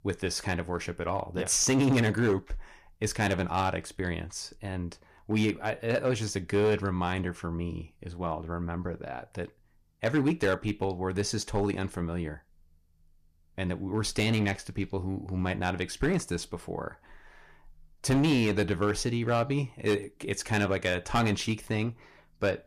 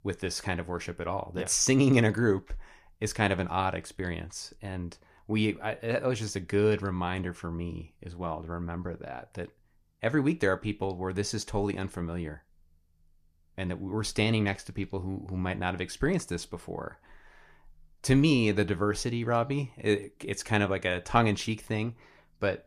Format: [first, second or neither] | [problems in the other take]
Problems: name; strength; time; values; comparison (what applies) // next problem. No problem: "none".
second | distortion; slight; 4% of the sound clipped